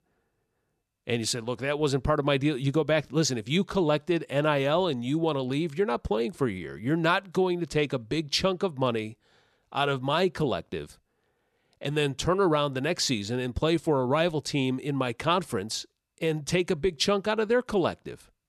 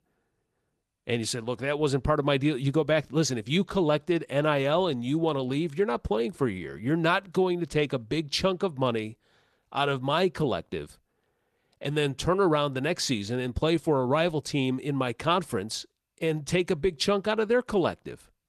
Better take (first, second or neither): first